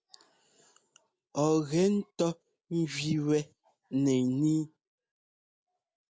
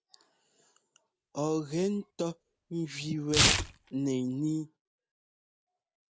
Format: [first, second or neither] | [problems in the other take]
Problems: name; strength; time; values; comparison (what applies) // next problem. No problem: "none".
first | background sound (Tearing); 1 dB above the speech